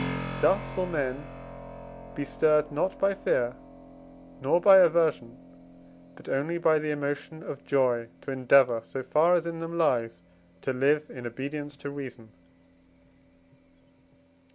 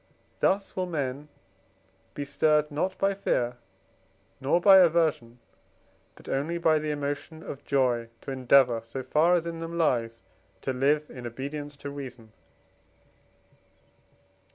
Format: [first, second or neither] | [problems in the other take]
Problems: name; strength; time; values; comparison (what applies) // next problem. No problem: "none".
second | background sound (Keyboard (musical)); 15 dB below the speech